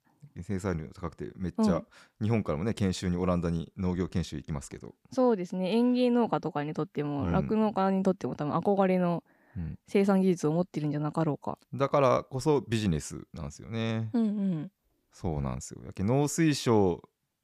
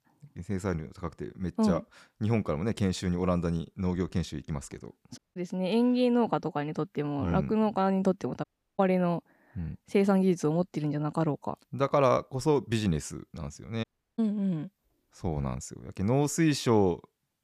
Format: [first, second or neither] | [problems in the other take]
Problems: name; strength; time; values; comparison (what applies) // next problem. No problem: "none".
first | audio cutting out; at 5 s, at 8.5 s and at 14 s